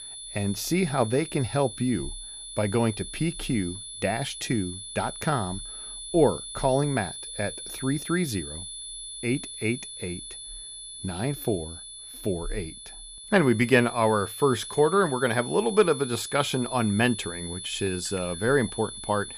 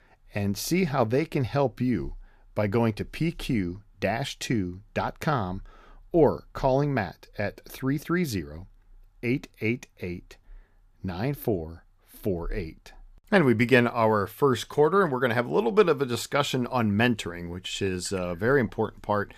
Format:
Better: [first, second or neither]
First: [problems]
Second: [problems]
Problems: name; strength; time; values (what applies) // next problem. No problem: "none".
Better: second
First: high-pitched whine; loud; throughout; 10 kHz, 10 dB below the speech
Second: none